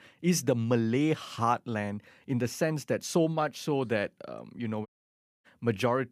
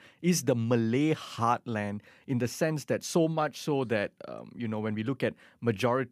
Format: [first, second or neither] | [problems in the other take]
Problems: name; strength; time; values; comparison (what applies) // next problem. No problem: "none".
second | audio cutting out; at 5 s for 0.5 s